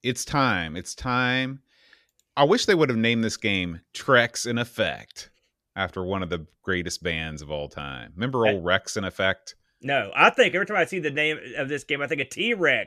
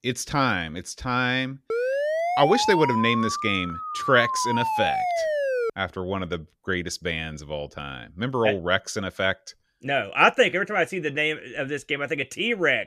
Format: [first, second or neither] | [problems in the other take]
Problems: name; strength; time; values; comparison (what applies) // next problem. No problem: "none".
first | siren; noticeable; from 1.5 to 5.5 s; peak level with the speech